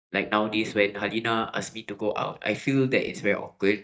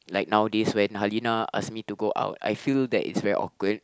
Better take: second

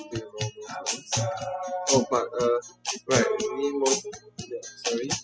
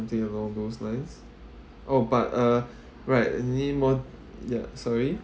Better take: second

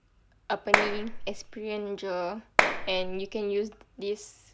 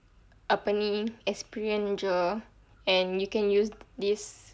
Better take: second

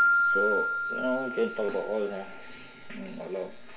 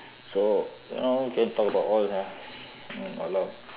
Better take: second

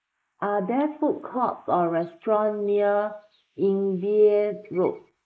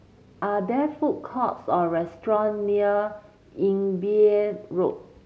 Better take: second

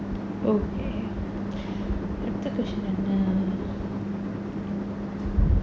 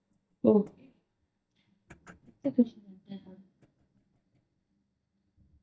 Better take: first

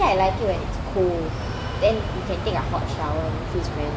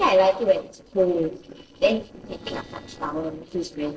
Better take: first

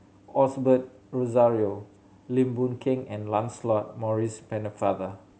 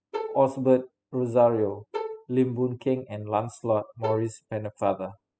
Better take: first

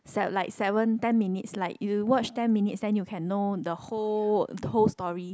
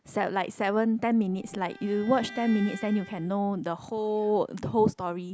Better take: first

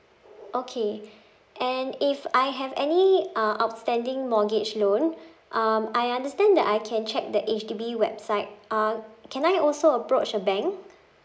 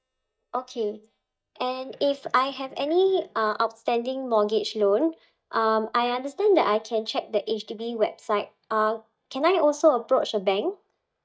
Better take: first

